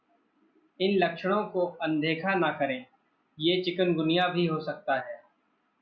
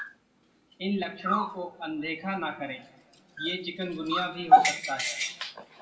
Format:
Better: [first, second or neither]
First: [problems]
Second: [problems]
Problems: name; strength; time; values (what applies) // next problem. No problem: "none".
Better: first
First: none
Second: background sound (Dog); 5 dB above the speech // room echo; dies away in 1.3 s